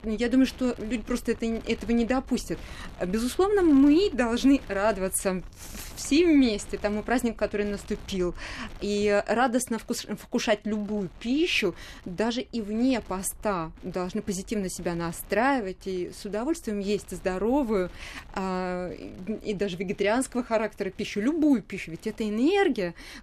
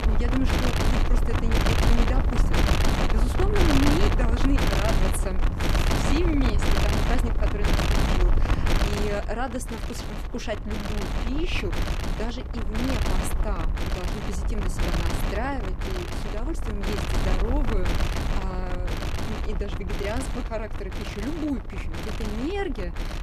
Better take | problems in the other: first | wind noise on the microphone; heavy; 3 dB above the speech; occasional gusts in the first

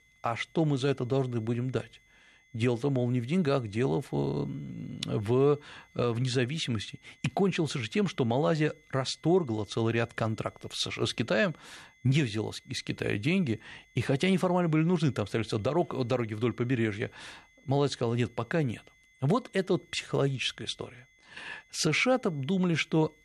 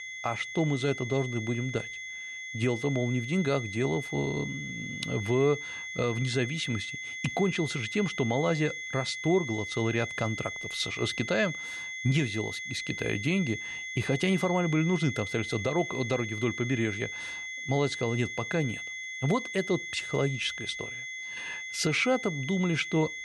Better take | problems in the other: first | high-pitched whine; loud; throughout; 2 kHz, 6 dB below the speech; faint in the first

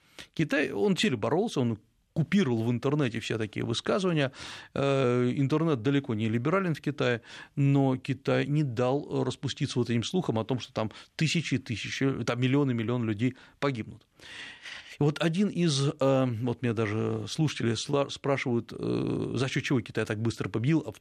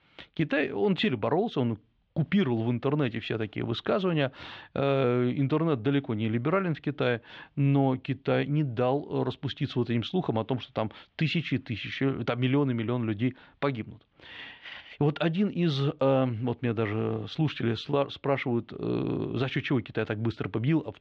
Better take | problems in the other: first | muffled; slightly; fading above 3.5 kHz

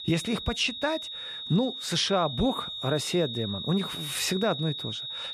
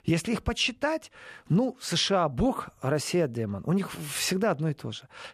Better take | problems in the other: second | high-pitched whine; loud; throughout; 4 kHz, 6 dB below the speech

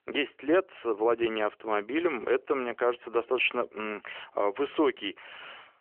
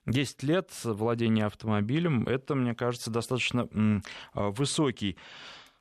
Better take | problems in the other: second | phone-call audio; nothing above 3 kHz

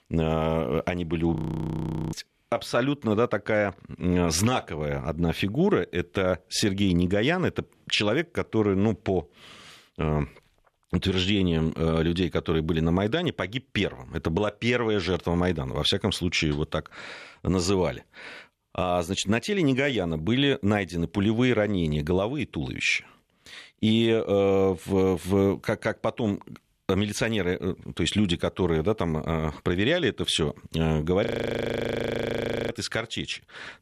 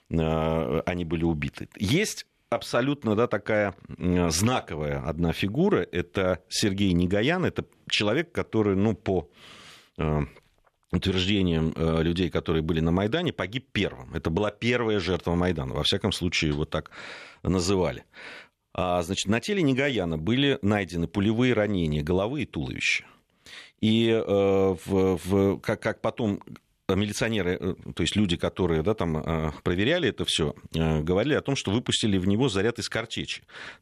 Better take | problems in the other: second | audio freezing; at 1.5 s for 1 s and at 31 s for 1.5 s

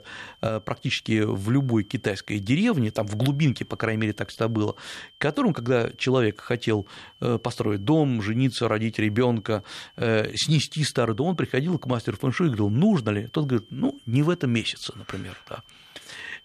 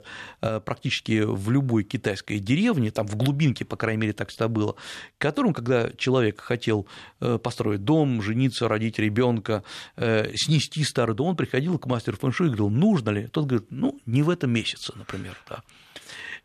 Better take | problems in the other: second | high-pitched whine; faint; throughout; 3 kHz, 25 dB below the speech

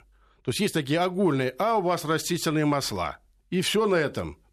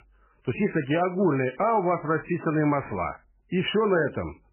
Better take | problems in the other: first | garbled, watery; badly; nothing above 3 kHz

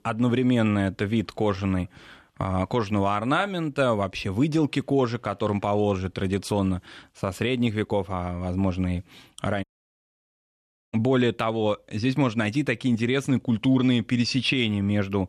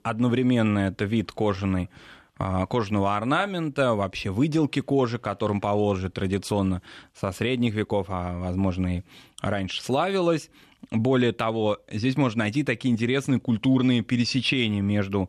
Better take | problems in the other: second | audio cutting out; at 9.5 s for 1.5 s

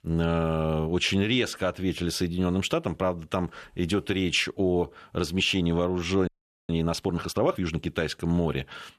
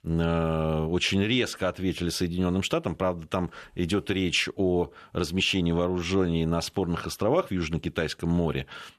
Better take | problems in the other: second | audio freezing; at 6.5 s

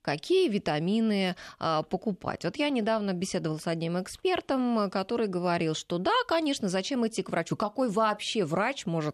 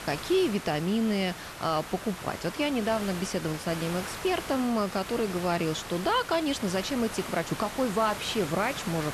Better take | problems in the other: first | hiss; loud; throughout; 9 dB below the speech

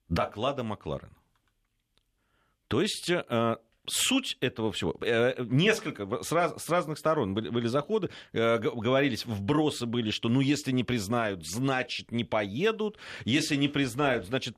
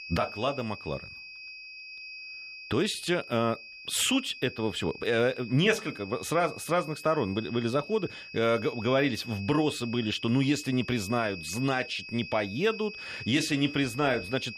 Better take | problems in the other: first | high-pitched whine; noticeable; throughout; 2.5 kHz, 15 dB below the speech

